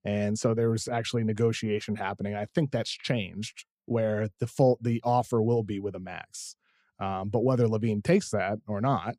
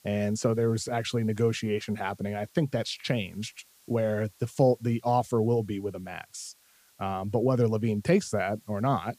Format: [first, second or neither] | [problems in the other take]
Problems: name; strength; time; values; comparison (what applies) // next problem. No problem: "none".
first | hiss; faint; throughout; 30 dB below the speech